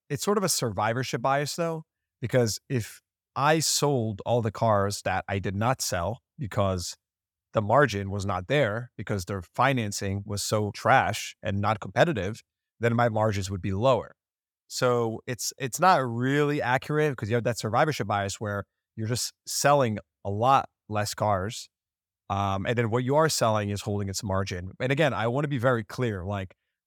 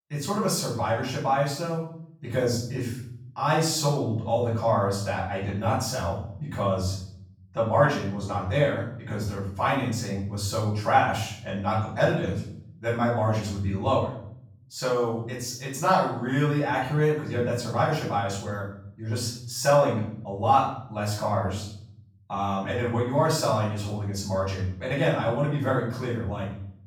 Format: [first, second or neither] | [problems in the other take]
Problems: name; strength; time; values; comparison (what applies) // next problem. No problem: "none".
first | room echo; noticeable; dies away in 0.6 s // off-mic speech; far